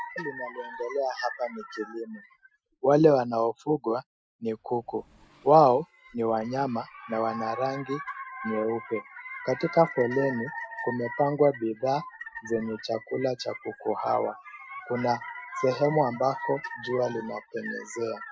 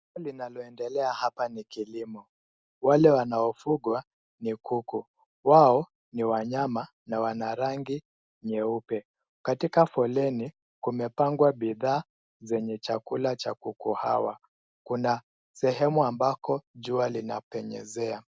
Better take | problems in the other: second | noise reduction (classical method Wiener filter)

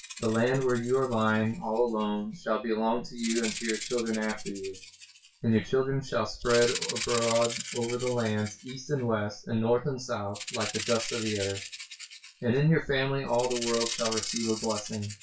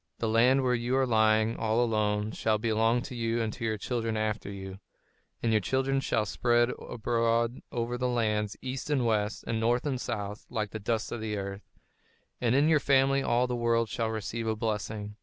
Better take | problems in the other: second | noise reduction (classical method WPE with log-MMSE)

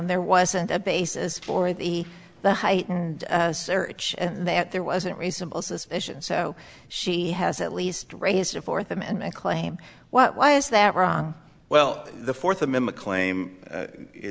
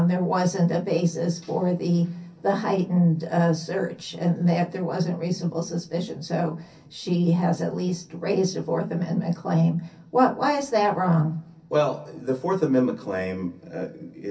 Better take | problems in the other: first | room echo; dies away in 0.3 s

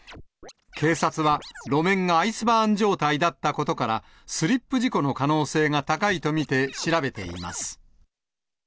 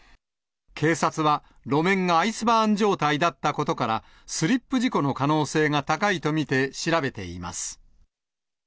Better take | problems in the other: second | background sound (Scratching (performance technique)); 19 dB below the speech

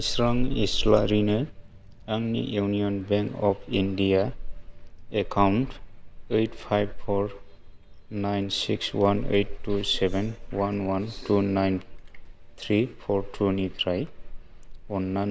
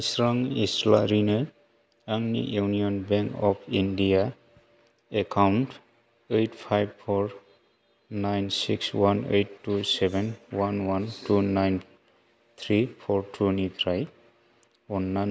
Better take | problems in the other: second | background sound (Wind); 7 dB below the speech

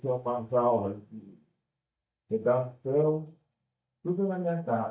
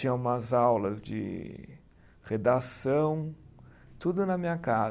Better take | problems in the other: second | noise reduction (neural mask model DeepFilterNet 3)

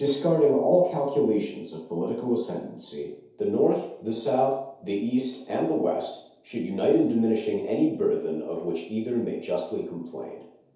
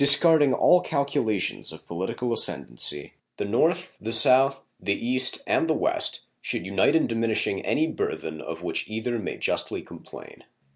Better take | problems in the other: second | room echo; dies away in 0.8 s

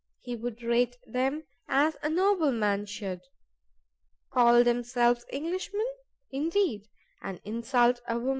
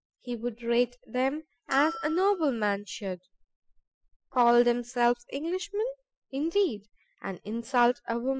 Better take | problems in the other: first | noise reduction (classical method spectral subtraction)

